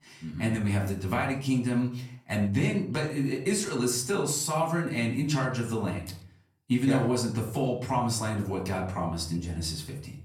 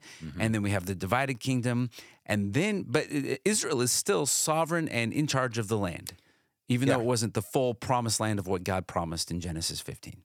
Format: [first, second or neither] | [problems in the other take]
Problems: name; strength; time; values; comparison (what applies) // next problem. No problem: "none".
second | off-mic speech; far // room echo; slight; dies away in 0.4 s